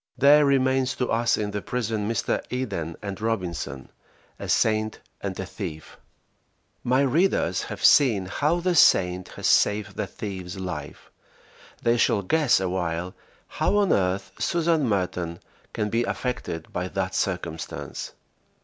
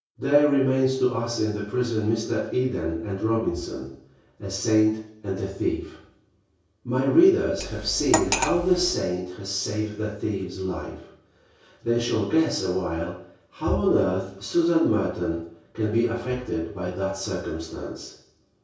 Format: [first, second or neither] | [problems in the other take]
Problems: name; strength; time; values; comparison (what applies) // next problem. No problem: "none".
first | background sound (Cutlery, silverware); 3 dB below the speech // room echo; dies away in 0.6 s